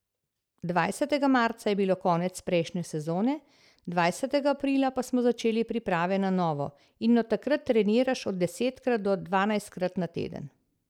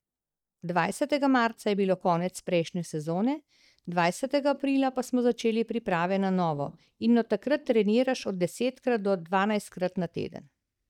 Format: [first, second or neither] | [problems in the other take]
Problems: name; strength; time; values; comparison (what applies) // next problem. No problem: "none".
first | noise reduction (neural mask model DeepFilterNet 3)